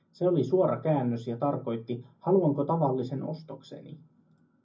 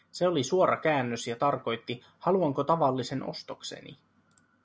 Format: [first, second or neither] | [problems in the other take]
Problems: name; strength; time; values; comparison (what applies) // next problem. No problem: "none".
second | room echo; dies away in 0.4 s